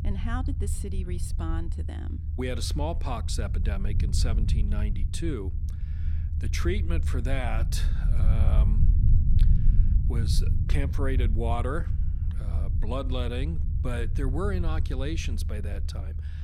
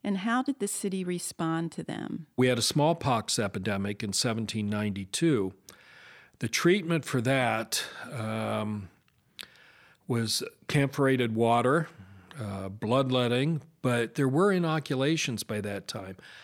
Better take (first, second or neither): second